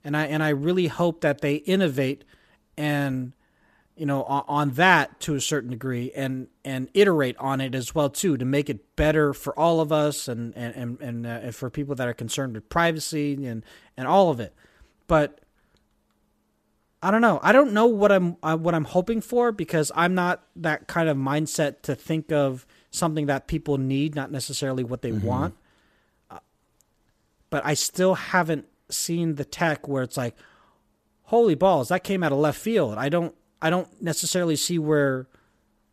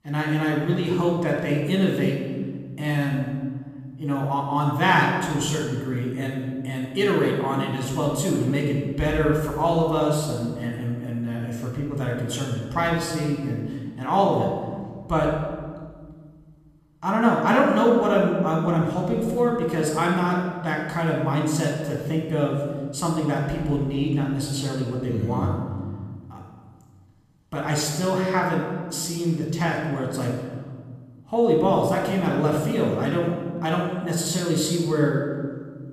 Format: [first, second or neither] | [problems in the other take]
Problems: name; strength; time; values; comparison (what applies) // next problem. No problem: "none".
first | off-mic speech; somewhat distant // room echo; noticeable; dies away in 1.6 s